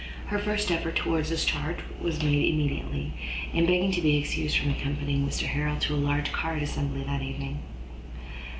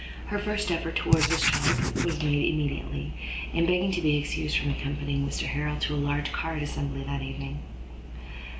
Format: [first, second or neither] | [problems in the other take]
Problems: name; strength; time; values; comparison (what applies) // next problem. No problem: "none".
first | background sound (Writing); 2 dB above the speech